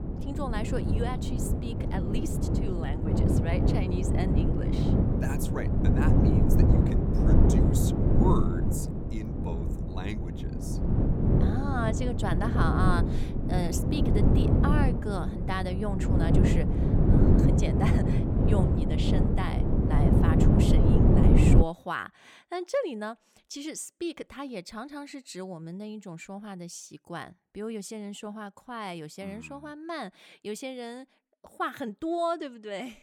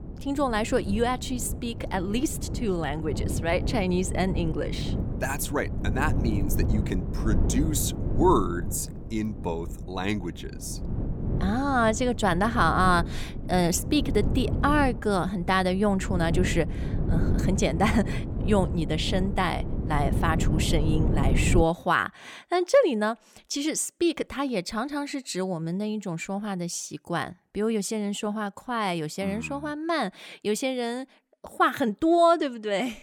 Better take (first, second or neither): second